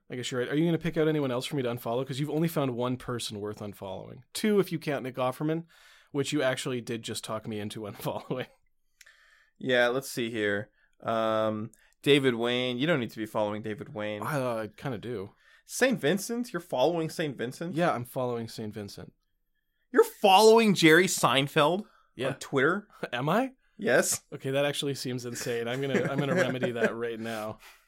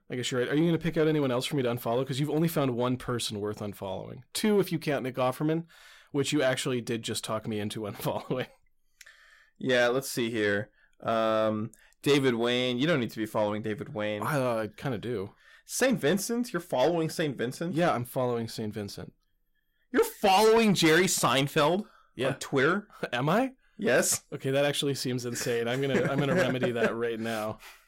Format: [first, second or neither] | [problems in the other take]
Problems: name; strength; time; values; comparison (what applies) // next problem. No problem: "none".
first | distortion; slight; 10 dB below the speech